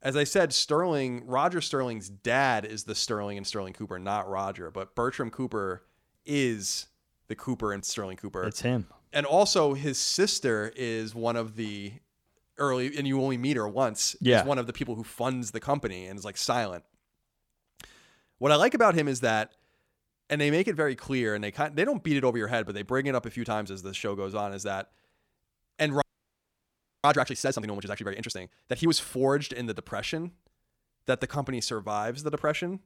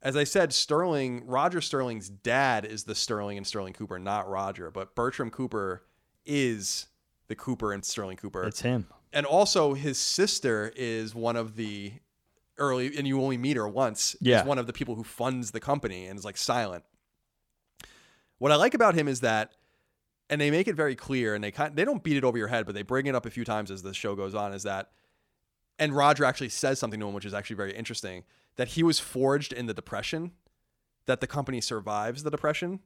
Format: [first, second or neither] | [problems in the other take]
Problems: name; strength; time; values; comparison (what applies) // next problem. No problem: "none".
second | audio freezing; at 26 s for 1 s